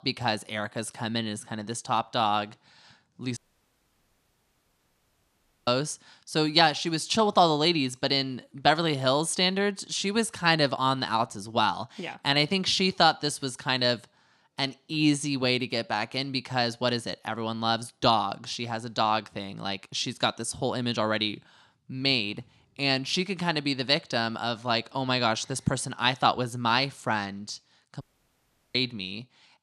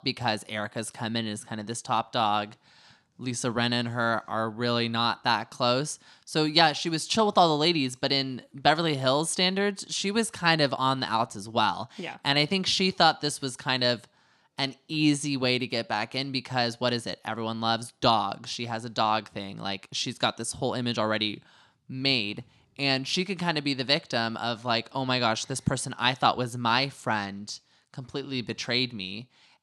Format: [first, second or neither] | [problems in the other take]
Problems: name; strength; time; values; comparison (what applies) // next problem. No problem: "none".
second | audio cutting out; at 3.5 s for 2.5 s and at 28 s for 0.5 s